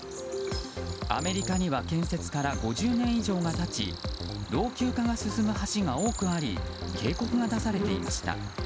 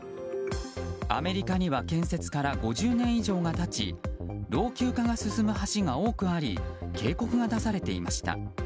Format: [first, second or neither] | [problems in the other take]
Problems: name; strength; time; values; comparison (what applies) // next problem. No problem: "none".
second | background sound (Cricket); 11 dB below the speech